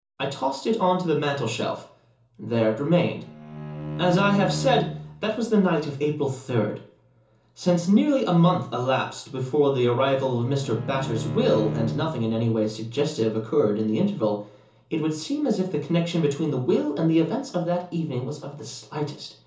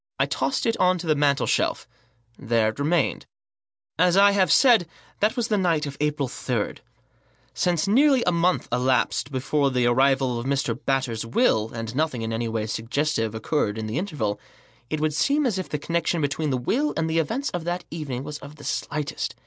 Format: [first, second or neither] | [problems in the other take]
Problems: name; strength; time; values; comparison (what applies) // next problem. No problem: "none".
second | background sound (Bowed string instrument); 9 dB below the speech // room echo; dies away in 0.6 s